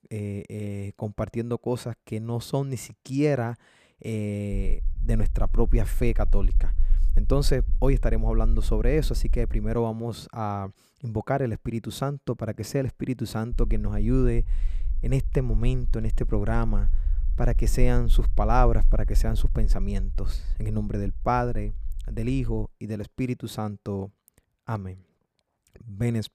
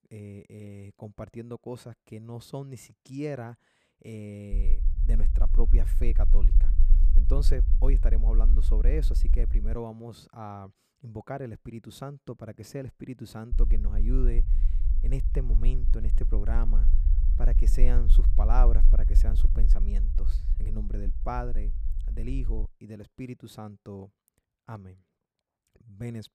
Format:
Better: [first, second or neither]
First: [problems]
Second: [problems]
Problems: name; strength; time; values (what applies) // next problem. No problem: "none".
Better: first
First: low rumble; faint; from 4.5 to 9.5 s and from 14 to 23 s; 25 dB below the speech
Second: low rumble; loud; from 4.5 to 9.5 s and from 14 to 23 s; 10 dB below the speech